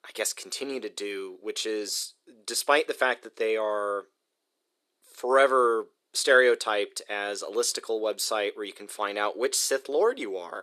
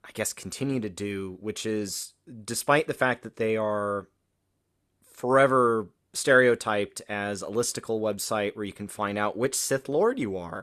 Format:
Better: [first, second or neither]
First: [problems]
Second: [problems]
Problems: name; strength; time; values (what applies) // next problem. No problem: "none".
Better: second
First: thin; somewhat; fading below 350 Hz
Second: none